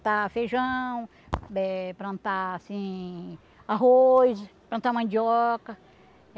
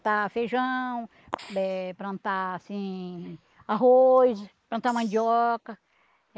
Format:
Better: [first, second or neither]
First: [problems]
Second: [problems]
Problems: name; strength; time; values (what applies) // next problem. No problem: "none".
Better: first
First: none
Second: noise reduction (neural mask model Resemble Enhance denoiser)